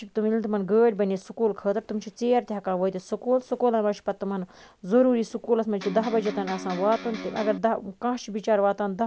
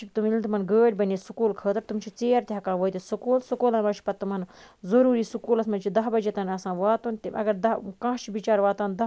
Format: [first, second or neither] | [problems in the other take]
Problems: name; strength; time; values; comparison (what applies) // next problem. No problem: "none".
second | background sound (Electric guitar); 10 dB below the speech